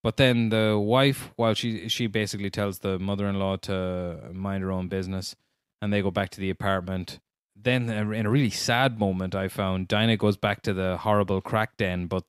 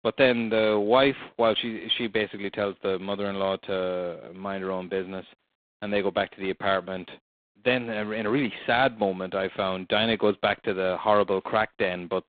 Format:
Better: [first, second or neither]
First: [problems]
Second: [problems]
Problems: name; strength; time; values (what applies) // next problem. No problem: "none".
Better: first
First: none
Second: phone-call audio; poor line; nothing above 3.5 kHz